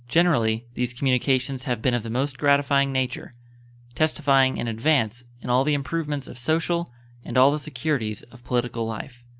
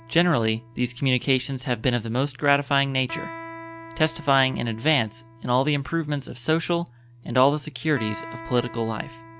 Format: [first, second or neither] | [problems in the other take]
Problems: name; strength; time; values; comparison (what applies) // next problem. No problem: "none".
first | background sound (Electric guitar); 18 dB below the speech